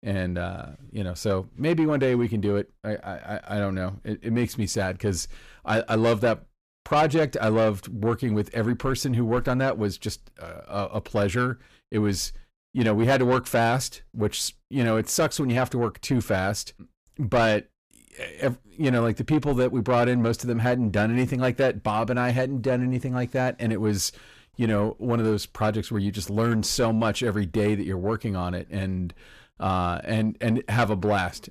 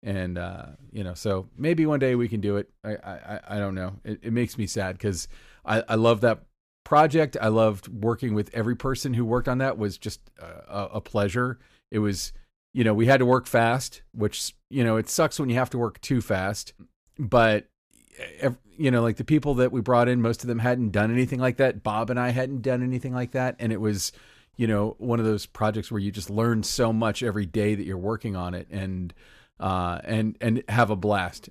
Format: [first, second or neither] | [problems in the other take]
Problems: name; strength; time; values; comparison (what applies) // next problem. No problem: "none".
second | distortion; slight; 10 dB below the speech